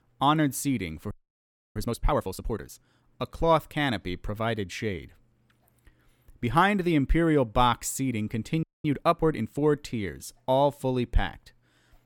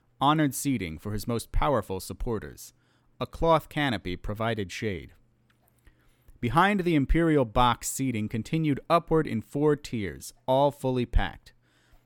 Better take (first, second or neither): second